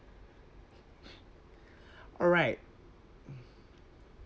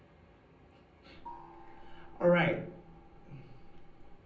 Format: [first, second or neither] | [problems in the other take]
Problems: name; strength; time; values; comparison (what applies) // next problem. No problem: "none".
first | background sound (Gong); 14 dB below the speech // room echo; dies away in 0.6 s